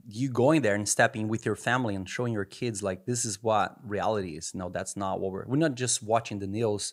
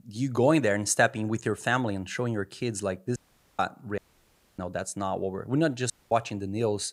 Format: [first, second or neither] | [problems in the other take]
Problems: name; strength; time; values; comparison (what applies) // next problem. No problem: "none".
first | audio cutting out; at 3 s, at 4 s for 0.5 s and at 6 s